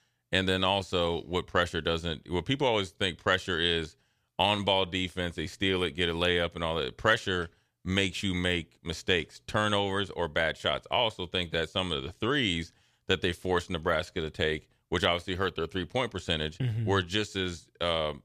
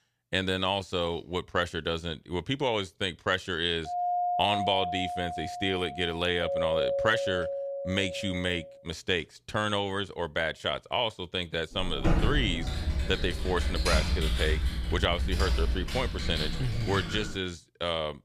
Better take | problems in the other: first | doorbell; loud; from 4 to 8.5 s; peak 2 dB above the speech // keyboard typing; loud; from 12 to 17 s; peak 3 dB above the speech

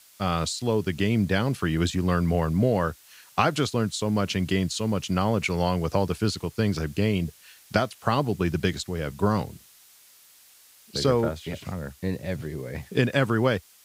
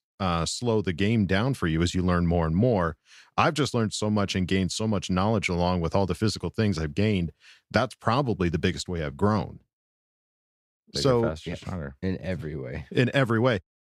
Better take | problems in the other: second | hiss; faint; throughout; 25 dB below the speech

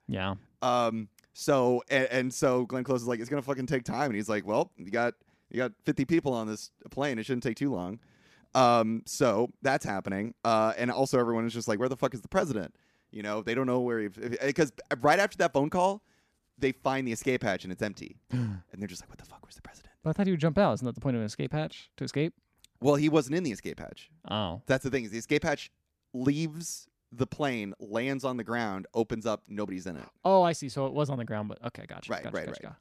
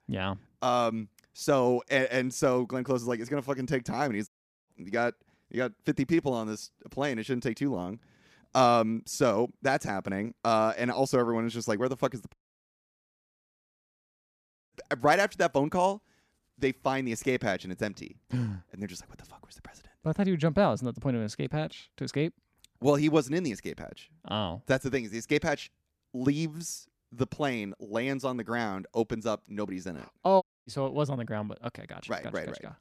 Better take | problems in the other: first | audio cutting out; at 4.5 s, at 12 s for 2.5 s and at 30 s

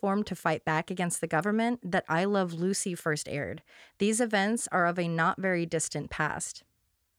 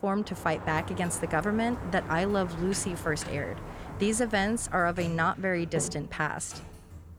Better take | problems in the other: first | door banging; noticeable; peak 7 dB below the speech

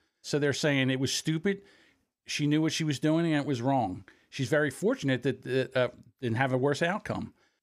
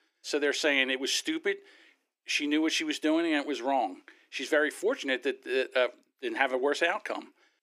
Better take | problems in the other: first | thin; somewhat; fading below 300 Hz

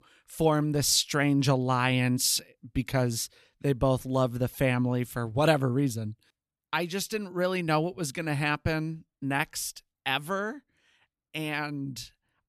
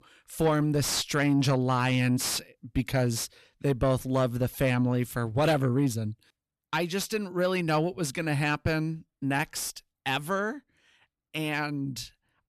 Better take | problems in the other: first | distortion; slight; 10 dB below the speech

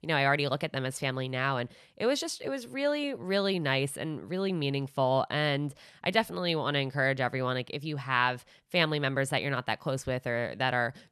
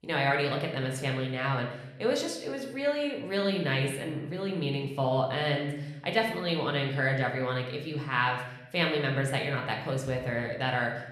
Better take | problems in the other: first | room echo; slight; dies away in 0.8 s // off-mic speech; somewhat distant

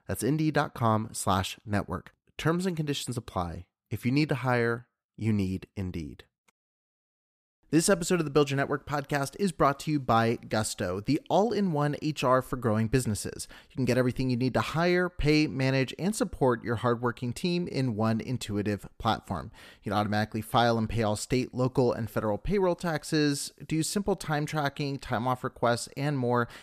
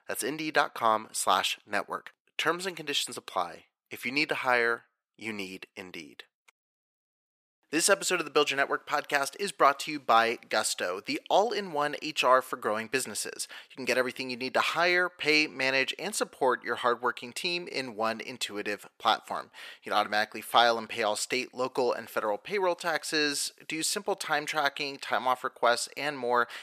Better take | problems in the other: first | thin; very; fading below 500 Hz

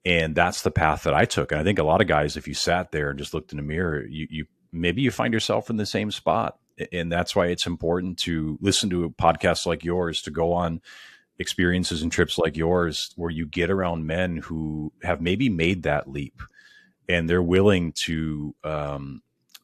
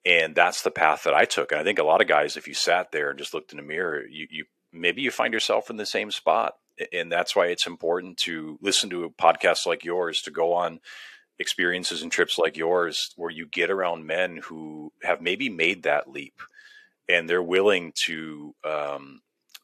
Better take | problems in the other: first | thin; somewhat; fading below 500 Hz

